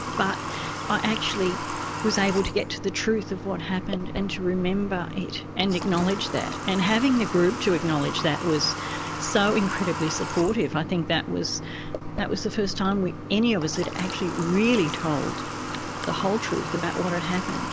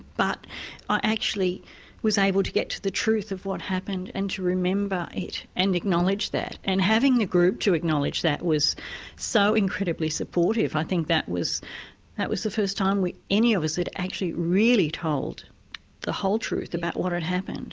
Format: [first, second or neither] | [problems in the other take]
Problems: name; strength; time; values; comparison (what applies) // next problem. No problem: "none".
second | background sound (Water tap, faucet / Water); 6 dB below the speech